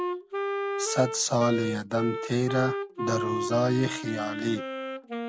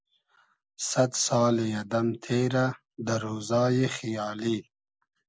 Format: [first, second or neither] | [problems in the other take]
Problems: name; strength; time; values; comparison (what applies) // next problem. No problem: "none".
second | background sound (Wind instrument, woodwind instrument); 4 dB below the speech